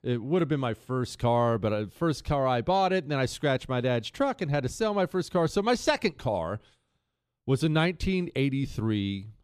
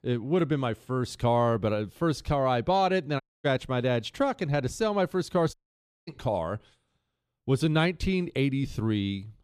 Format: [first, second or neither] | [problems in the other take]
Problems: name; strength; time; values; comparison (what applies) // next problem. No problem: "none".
first | audio cutting out; at 3 s and at 5.5 s for 0.5 s